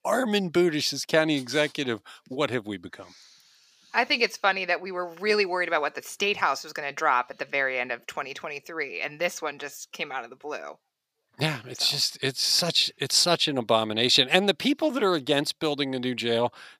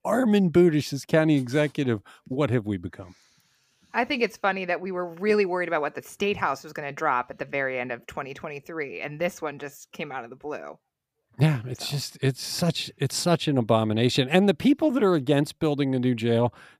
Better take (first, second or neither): second